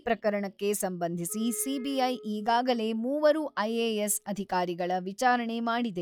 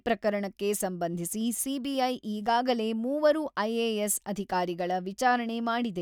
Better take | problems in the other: second | noise reduction (classical method log-MMSE)

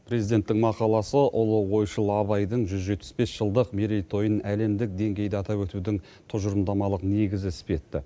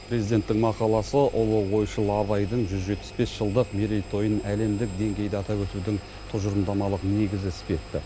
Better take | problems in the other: first | background sound (Engine); 14 dB below the speech

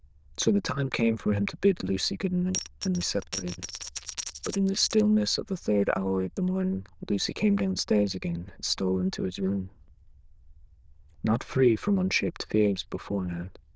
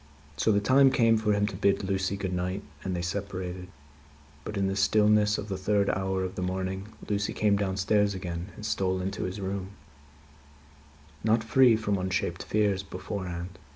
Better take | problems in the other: second | noise reduction (neural diffusion model UNIVERSE++)

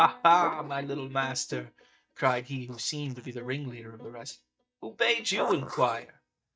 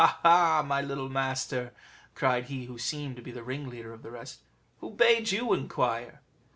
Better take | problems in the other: second | noise reduction (neural mask model DeepFilterNet 3)

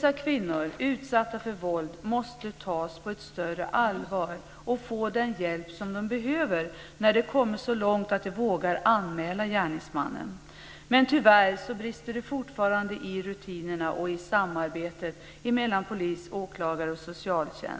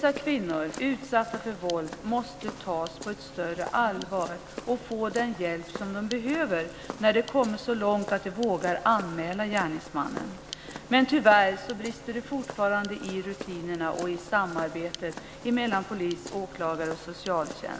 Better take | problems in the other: first | background sound (Walk, footsteps); 14 dB below the speech

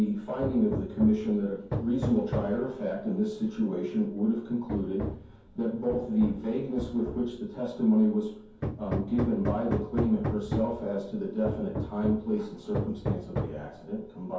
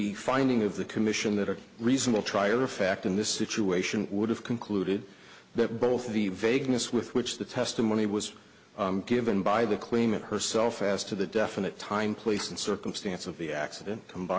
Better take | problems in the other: second | background sound (Hammer); 7 dB below the speech // room echo; dies away in 0.6 s

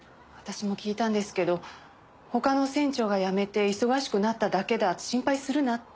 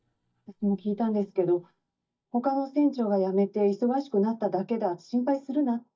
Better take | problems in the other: first | noise reduction (neural mask model DeepFilterNet 3)

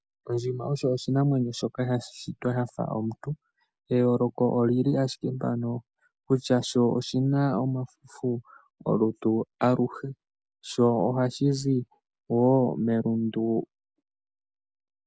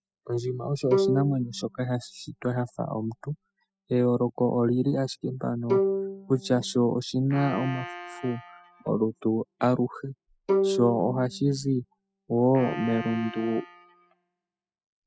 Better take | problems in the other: first | noise reduction (classical method spectral subtraction)

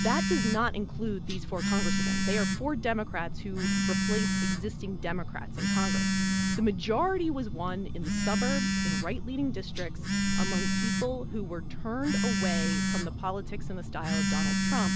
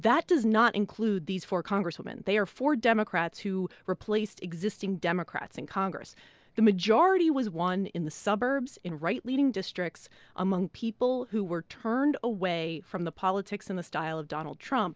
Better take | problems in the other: second | background sound (Telephone); 4 dB above the speech

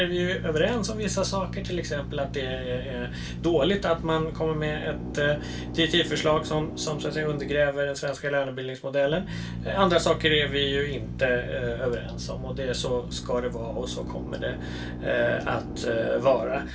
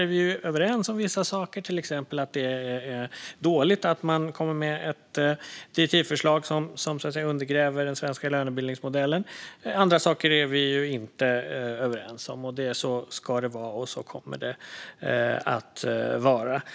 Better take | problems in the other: second | background sound (Drill); 8 dB below the speech // room echo; dies away in 0.2 s

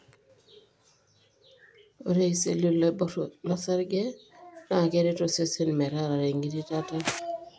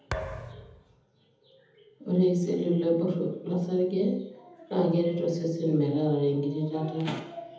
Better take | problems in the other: first | background sound (Thump, thud); 10 dB below the speech // room echo; dies away in 1 s

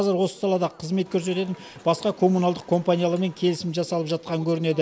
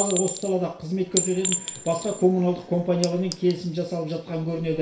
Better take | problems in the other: first | background sound (Chink, clink); 7 dB below the speech // room echo; dies away in 0.5 s

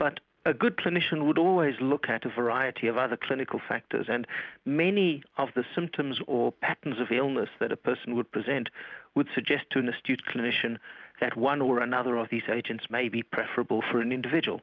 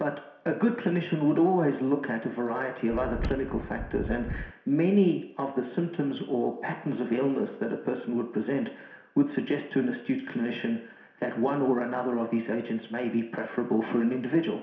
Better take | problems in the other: first | background sound (Wind); 7 dB below the speech // room echo; dies away in 0.7 s

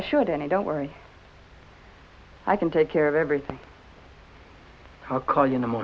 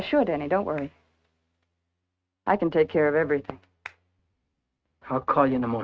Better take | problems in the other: first | noise reduction (neural mask model RNNoise)

